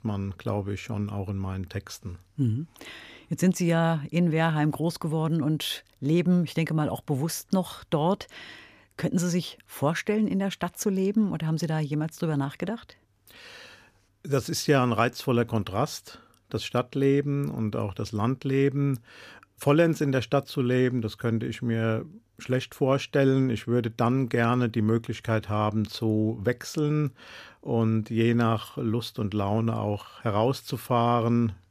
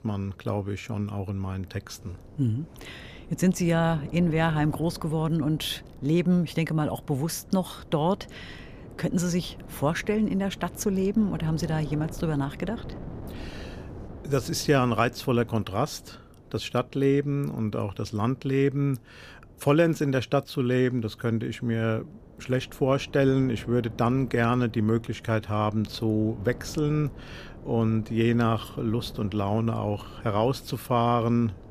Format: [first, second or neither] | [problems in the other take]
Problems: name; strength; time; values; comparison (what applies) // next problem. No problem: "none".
first | wind noise on the microphone; occasional gusts; 20 dB below the speech